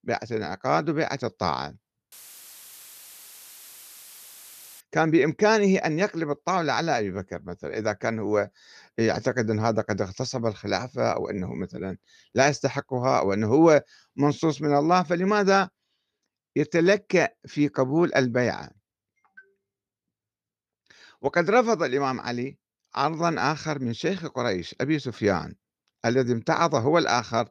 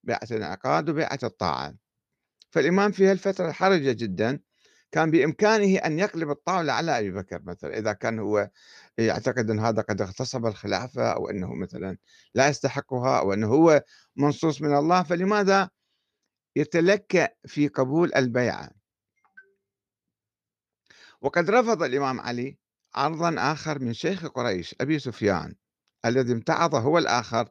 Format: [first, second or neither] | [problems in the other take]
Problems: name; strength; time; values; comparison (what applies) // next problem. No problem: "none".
second | audio cutting out; filled with static; at 2 s for 2.5 s